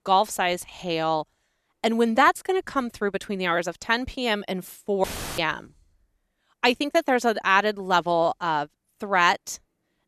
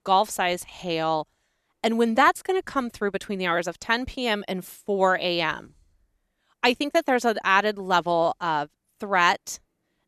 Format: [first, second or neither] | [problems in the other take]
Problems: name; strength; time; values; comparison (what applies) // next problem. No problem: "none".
second | audio cutting out; filled with static; at 5 s